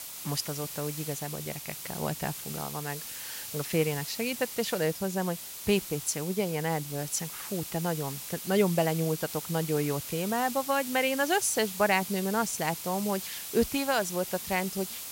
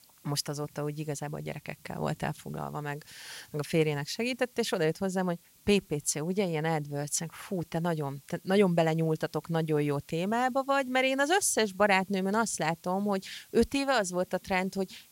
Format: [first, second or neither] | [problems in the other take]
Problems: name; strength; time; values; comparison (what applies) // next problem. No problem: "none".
second | hiss; loud; throughout; 7 dB below the speech; faint in the second